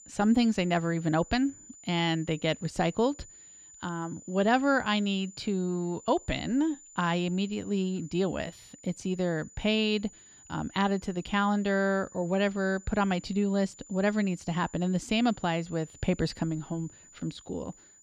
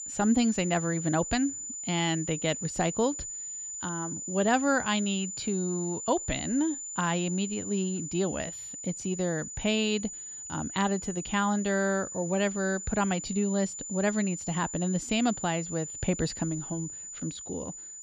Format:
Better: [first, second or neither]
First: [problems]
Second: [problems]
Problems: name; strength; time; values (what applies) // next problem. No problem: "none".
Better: first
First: high-pitched whine; faint; throughout; 7 kHz, 20 dB below the speech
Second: high-pitched whine; loud; throughout; 7 kHz, 7 dB below the speech